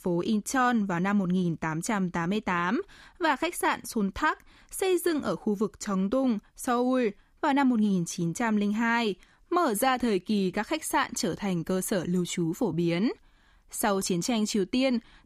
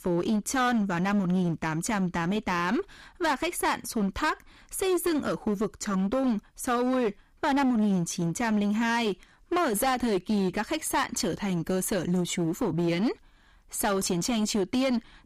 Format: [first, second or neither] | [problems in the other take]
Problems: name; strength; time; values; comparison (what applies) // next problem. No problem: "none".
first | distortion; slight; 14% of the sound clipped